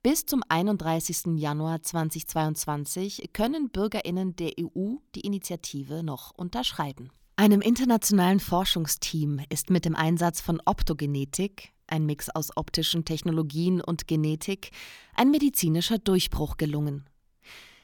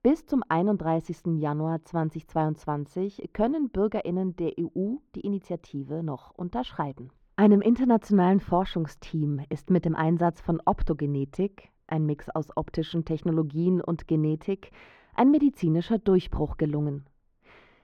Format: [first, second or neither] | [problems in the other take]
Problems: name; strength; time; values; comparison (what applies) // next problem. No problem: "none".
first | muffled; very; fading above 4 kHz